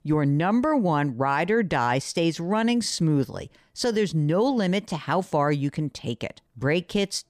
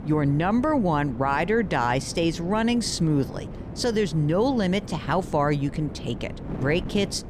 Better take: first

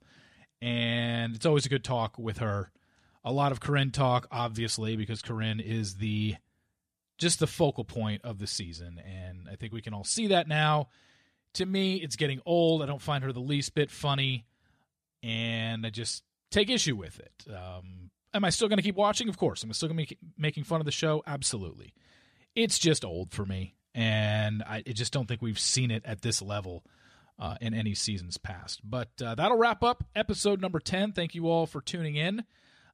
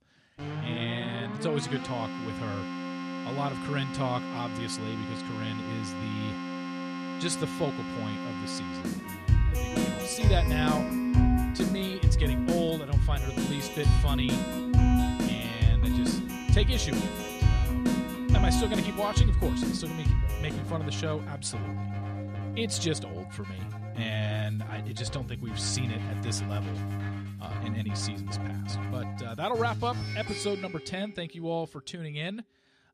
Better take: first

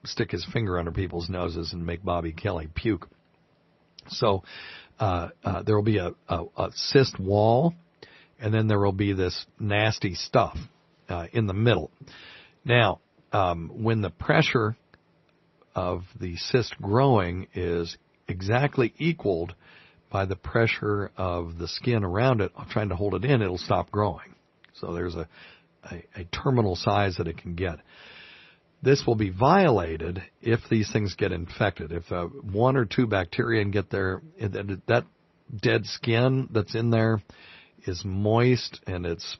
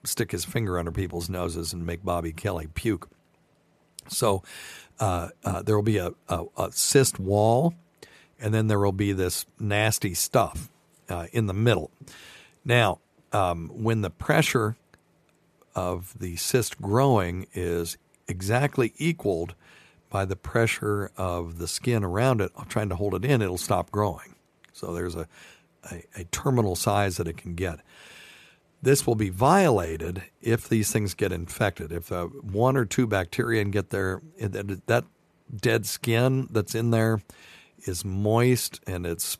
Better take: second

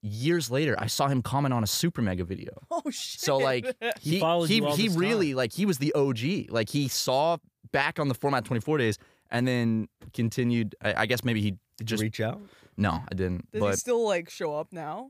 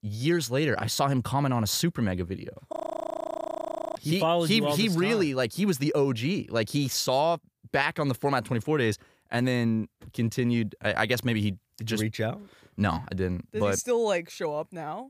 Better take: first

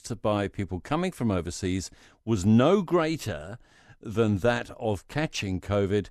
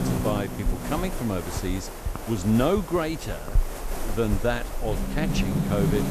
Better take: first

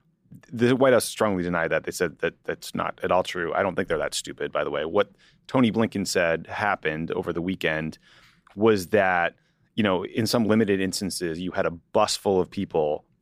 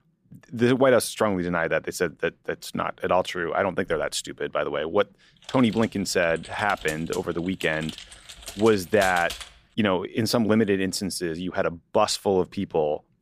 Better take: first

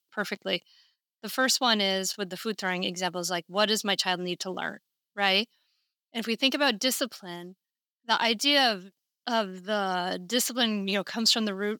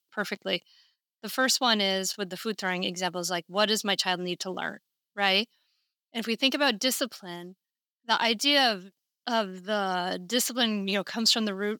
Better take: neither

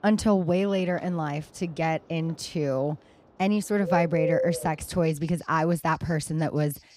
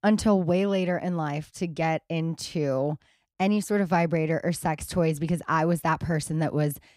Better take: second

